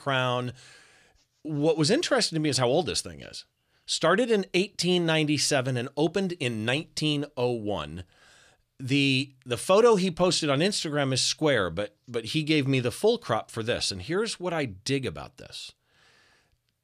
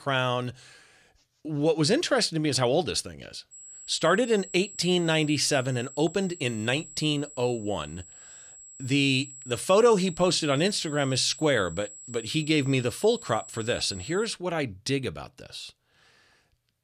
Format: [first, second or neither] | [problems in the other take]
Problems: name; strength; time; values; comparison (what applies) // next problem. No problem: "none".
first | high-pitched whine; noticeable; from 3.5 to 14 s; 7.5 kHz, 15 dB below the speech